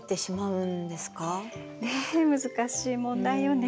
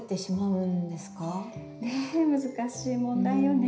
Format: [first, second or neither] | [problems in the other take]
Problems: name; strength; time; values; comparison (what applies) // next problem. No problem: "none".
first | room echo; dies away in 0.5 s